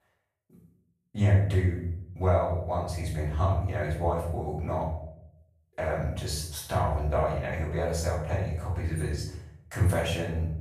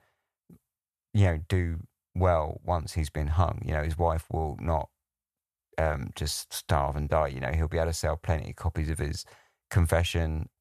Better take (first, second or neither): second